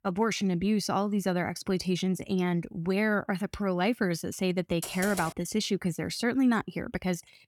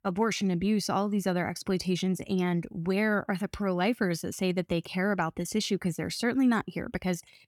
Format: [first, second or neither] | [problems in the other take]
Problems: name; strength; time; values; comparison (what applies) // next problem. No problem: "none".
second | keyboard typing; noticeable; at 5 s; peak 8 dB below the speech